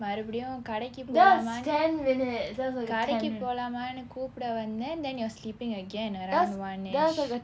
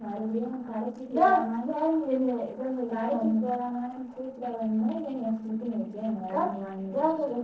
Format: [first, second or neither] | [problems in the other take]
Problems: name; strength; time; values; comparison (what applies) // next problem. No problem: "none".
first | noise reduction (neural separator model SepFormer DNS4)